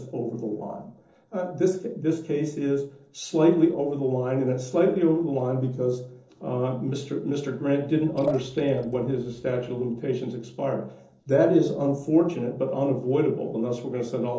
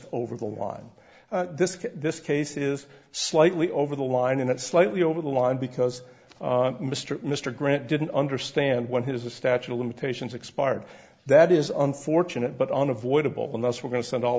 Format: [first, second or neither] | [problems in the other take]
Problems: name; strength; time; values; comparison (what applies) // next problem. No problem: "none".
second | noise reduction (neural separator model SepFormer DNS4)